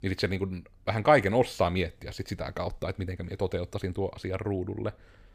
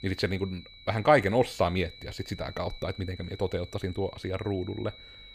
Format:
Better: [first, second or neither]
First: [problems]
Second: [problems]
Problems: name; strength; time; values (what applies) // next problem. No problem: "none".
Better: first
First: none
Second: high-pitched whine; noticeable; throughout; 4 kHz, 20 dB below the speech